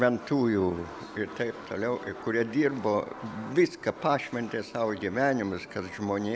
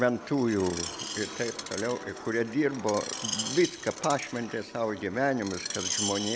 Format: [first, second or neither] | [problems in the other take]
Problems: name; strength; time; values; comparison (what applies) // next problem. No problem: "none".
first | background sound (Screech); 8 dB below the speech